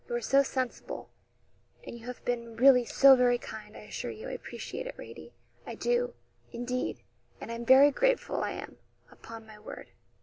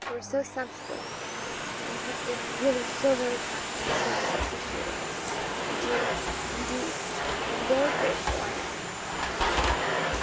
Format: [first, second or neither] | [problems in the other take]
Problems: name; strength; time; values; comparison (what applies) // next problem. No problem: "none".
first | background sound (Domestic sounds, home sounds); 3 dB above the speech